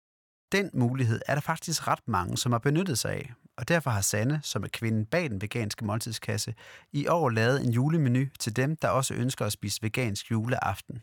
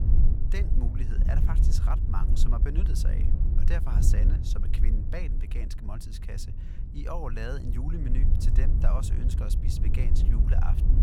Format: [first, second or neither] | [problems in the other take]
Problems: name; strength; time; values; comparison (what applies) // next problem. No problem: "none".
first | wind noise on the microphone; heavy; 4 dB below the speech